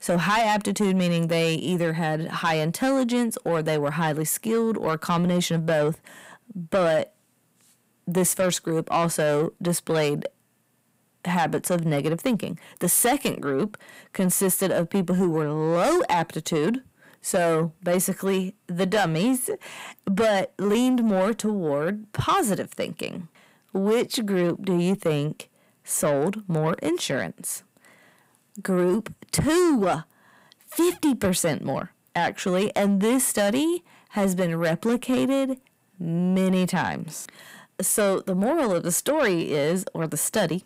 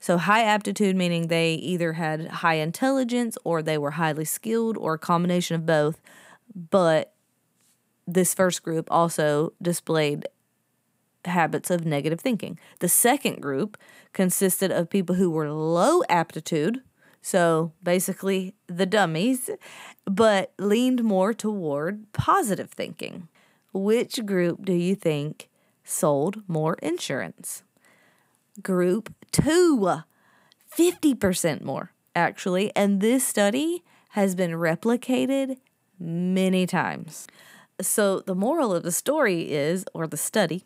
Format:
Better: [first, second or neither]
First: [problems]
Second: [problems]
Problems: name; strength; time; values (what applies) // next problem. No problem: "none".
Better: second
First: distortion; slight; 10 dB below the speech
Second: none